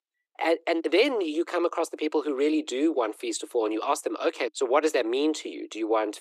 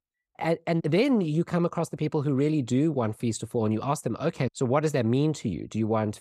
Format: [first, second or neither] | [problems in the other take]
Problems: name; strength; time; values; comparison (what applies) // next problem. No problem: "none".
second | thin; very; fading below 300 Hz